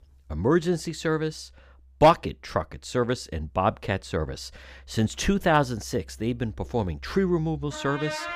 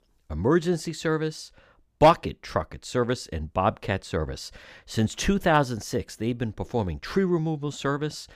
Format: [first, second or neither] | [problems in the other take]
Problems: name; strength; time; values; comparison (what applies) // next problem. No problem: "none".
second | background music; noticeable; throughout; 20 dB below the speech